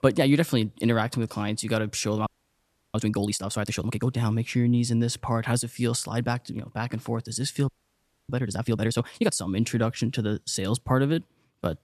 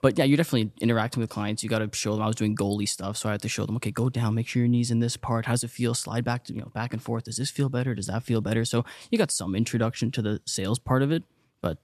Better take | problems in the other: second | audio freezing; at 2.5 s for 0.5 s and at 7.5 s for 0.5 s

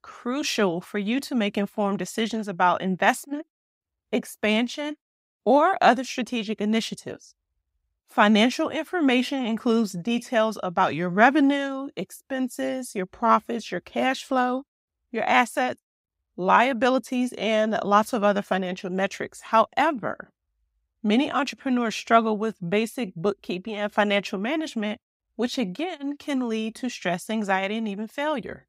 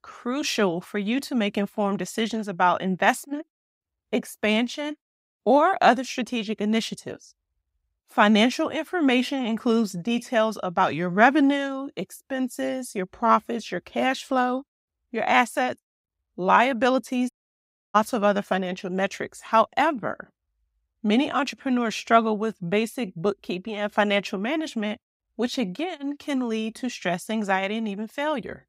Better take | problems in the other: first | audio cutting out; at 17 s for 0.5 s

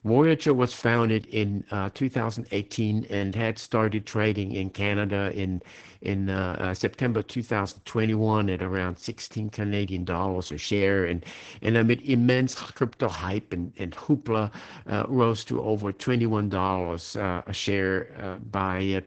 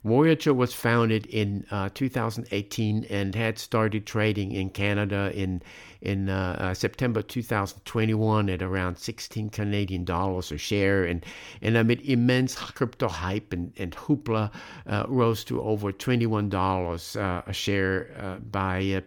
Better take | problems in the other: second | garbled, watery; badly; nothing above 7.5 kHz

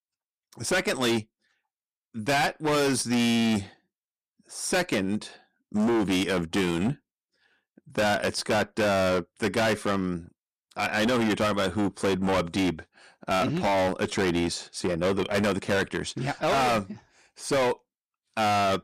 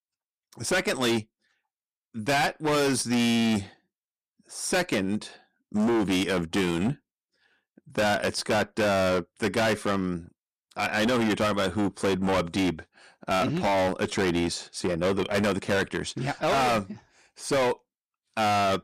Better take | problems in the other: neither | distortion; heavy; 20% of the sound clipped; the same in both

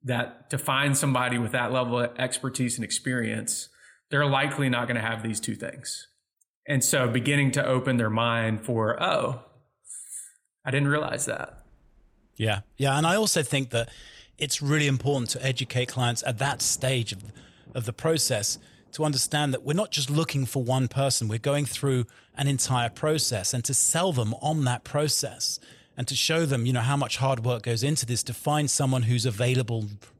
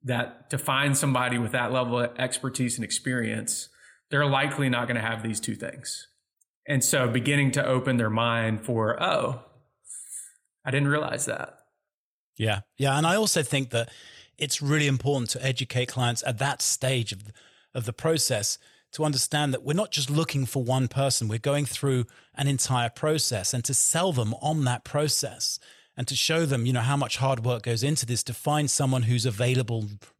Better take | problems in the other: second | rain or running water; faint; from 11 s on; 30 dB below the speech

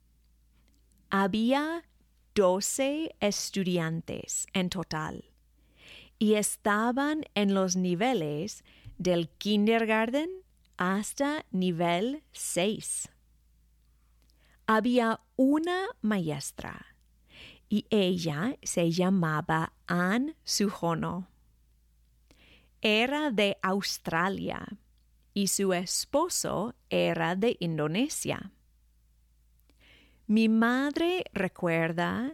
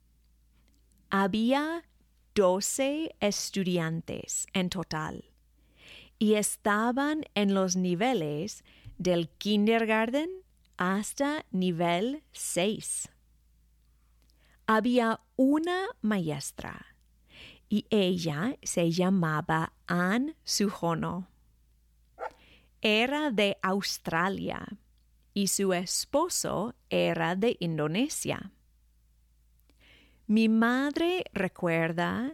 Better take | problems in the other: first | dog barking; faint; at 22 s; peak 15 dB below the speech

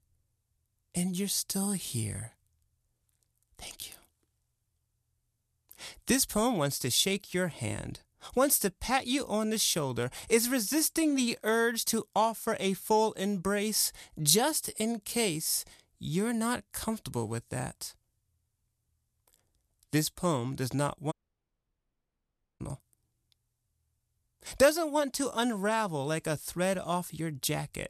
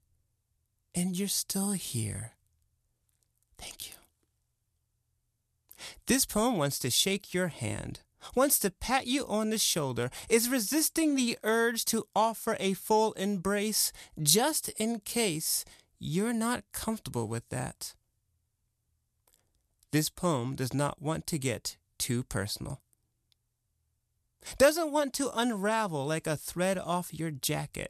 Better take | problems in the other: second | audio cutting out; at 21 s for 1.5 s

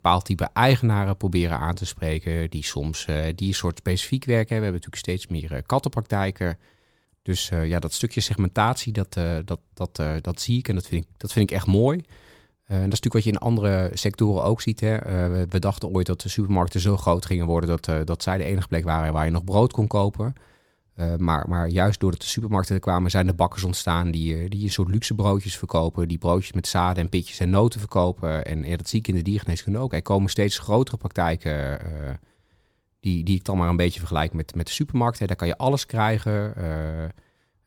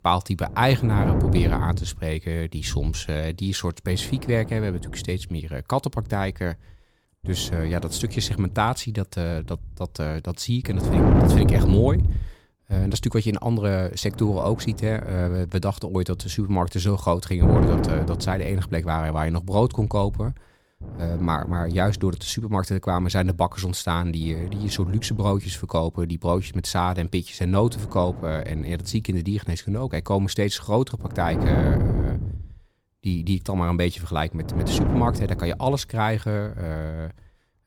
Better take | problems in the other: first | wind noise on the microphone; heavy; 5 dB below the speech

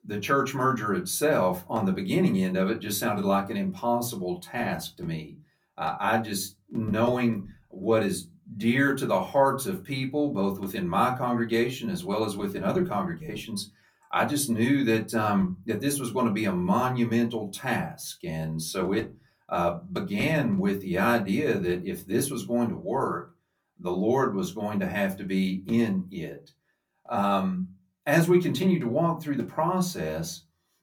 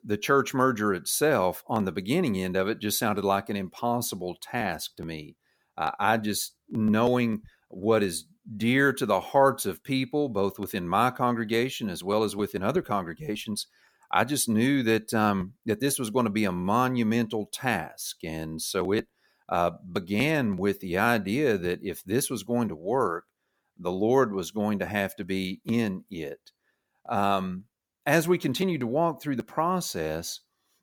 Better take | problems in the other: second | off-mic speech; far // room echo; very slight; dies away in 0.2 s

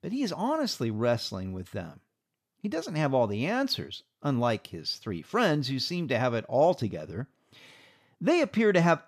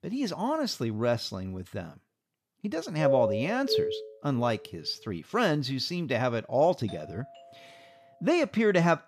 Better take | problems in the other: first | doorbell; loud; from 3 to 4 s; peak 2 dB above the speech // doorbell; faint; from 7 to 8.5 s; peak 15 dB below the speech

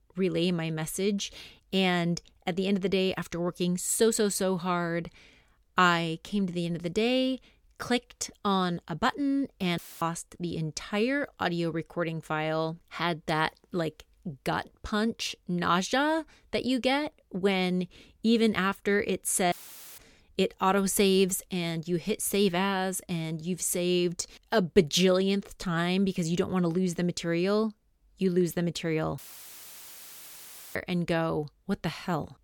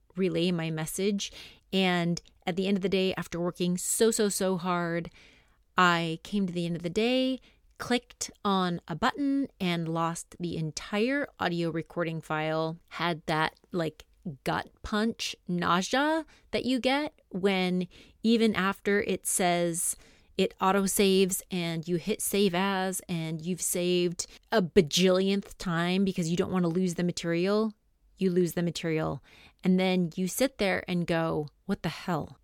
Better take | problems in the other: second | audio cutting out; filled with static; at 10 s, at 20 s and at 29 s for 1.5 s

